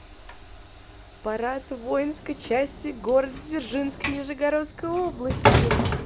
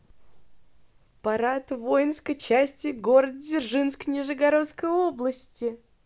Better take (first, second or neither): second